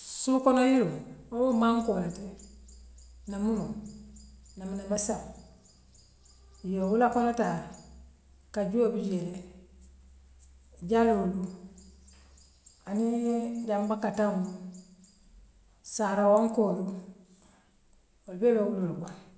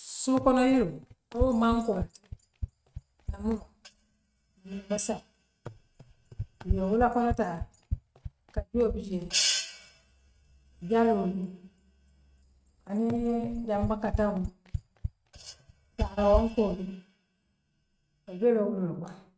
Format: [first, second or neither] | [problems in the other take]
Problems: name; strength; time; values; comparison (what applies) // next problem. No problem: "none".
first | noise reduction (neural mask model RNNoise)